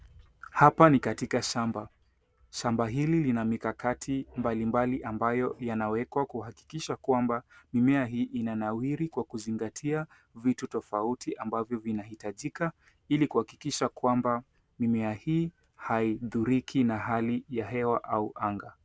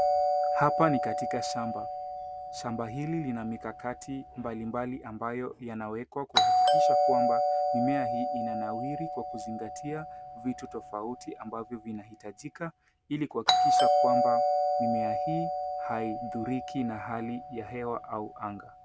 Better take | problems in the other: first | background sound (Doorbell); 5 dB above the speech

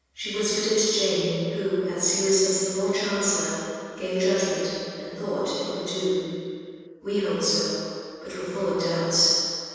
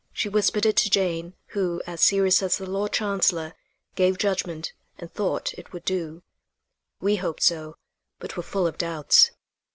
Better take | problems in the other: second | room echo; dies away in 2.1 s

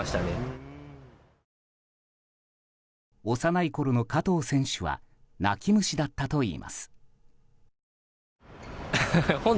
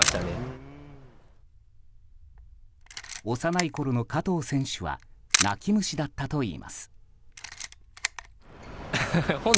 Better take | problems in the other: first | background sound (Camera); 4 dB below the speech

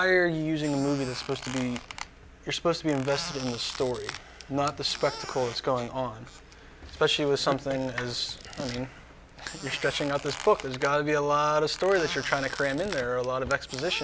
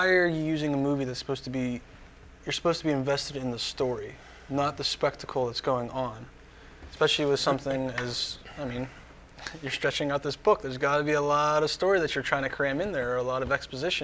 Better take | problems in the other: second | background sound (Squeak); 14 dB below the speech

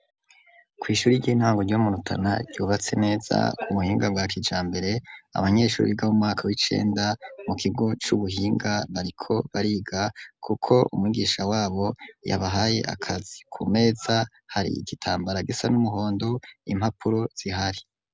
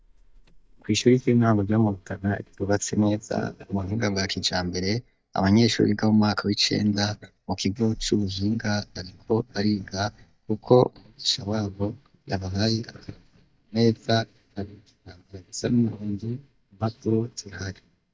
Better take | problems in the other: first | noise reduction (neural mask model DeepFilterNet 3)

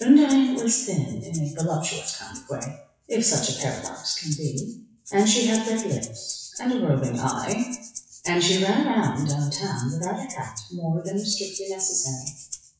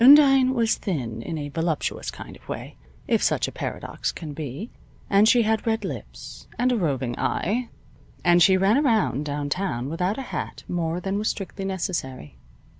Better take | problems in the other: second | noise reduction (classical method WPE with log-MMSE)

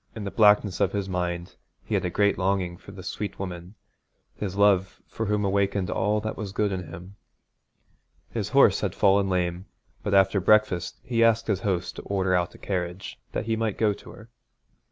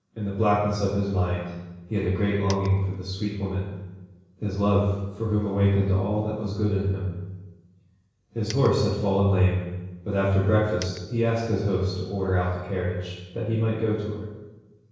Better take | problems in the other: first | background sound (Coin (dropping)); 18 dB below the speech // room echo; dies away in 1 s

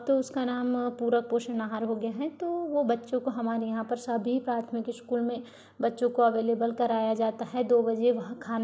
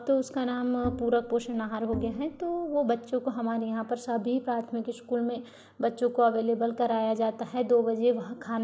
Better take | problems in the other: first | background sound (Bowed string instrument); 11 dB below the speech

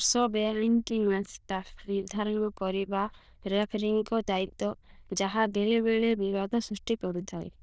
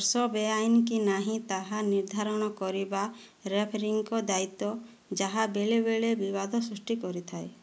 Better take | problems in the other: second | noise reduction (neural diffusion model UNIVERSE++)

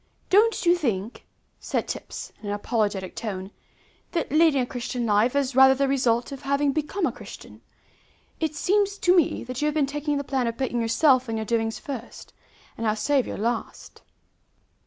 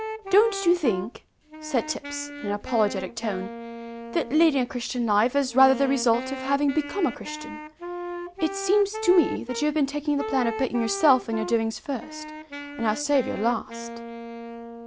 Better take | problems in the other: first | background sound (Wind instrument, woodwind instrument); 10 dB below the speech

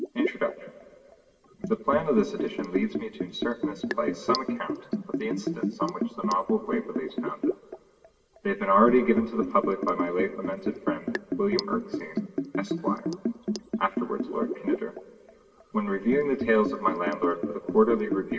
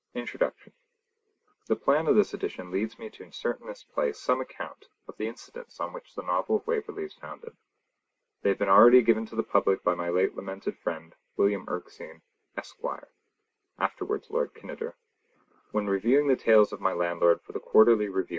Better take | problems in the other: second | background sound (Liquid); 4 dB below the speech // room echo; dies away in 1.8 s

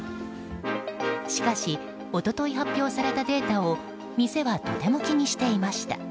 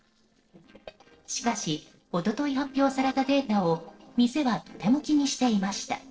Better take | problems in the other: first | noise reduction (neural separator model SepFormer DNS4)

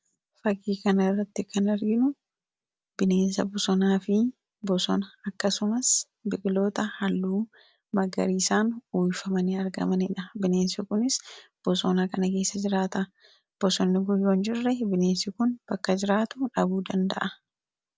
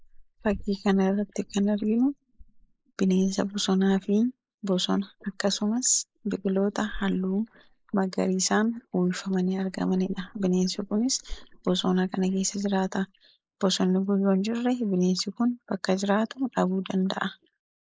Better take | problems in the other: first | noise reduction (neural mask model Resemble Enhance denoiser)

